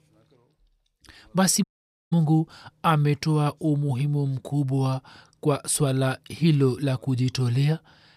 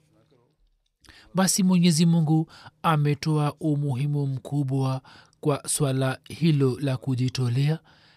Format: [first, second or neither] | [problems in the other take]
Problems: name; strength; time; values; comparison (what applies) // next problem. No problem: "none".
second | audio cutting out; at 1.5 s